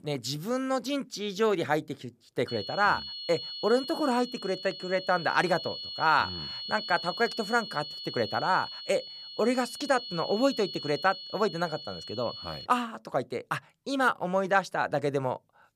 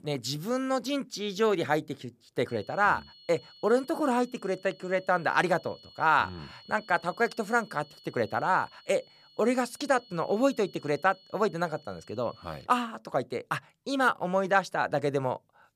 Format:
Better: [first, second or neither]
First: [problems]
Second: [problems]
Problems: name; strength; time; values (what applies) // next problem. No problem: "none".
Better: second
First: high-pitched whine; loud; from 2.5 to 13 s; 4.5 kHz, 8 dB below the speech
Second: high-pitched whine; faint; from 2.5 to 13 s; 4.5 kHz, 25 dB below the speech